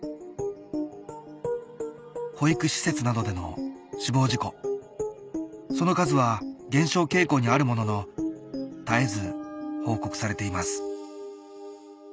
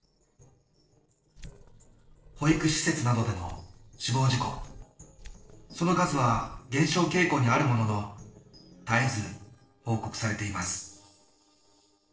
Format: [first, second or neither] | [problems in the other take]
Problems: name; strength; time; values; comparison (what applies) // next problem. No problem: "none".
first | noise reduction (neural separator model SepFormer DNS4)